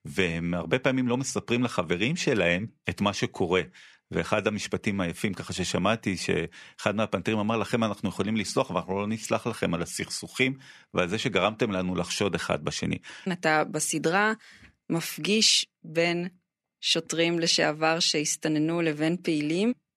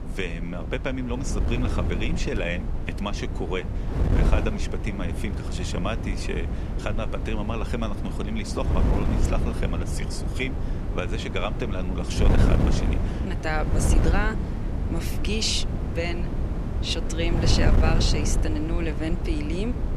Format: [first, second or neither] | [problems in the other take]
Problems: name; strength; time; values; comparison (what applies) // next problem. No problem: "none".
first | wind noise on the microphone; heavy; 5 dB below the speech